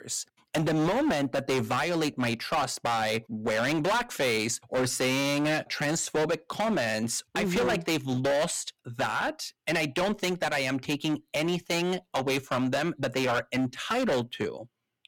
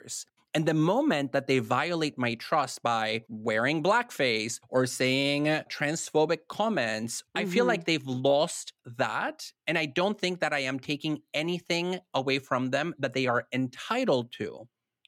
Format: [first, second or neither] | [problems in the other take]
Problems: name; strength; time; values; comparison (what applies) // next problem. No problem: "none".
second | distortion; heavy; 17% of the sound clipped